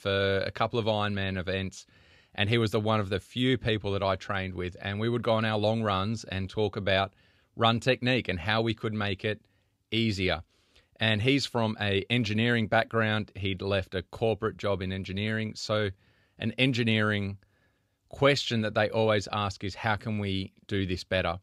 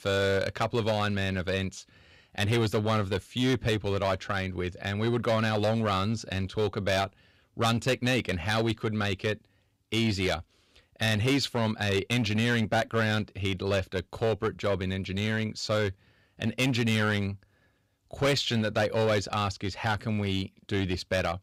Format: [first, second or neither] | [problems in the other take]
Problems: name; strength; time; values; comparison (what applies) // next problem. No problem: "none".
first | distortion; slight; 7% of the sound clipped